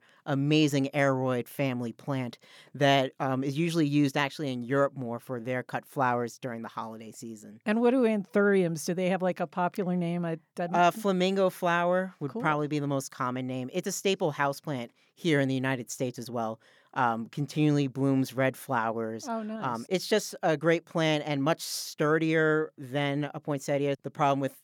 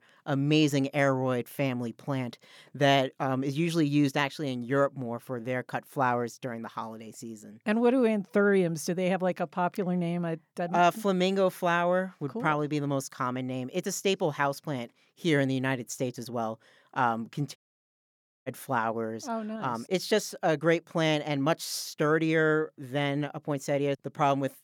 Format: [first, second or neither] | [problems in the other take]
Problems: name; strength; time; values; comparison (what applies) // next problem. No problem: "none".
first | audio cutting out; at 18 s for 1 s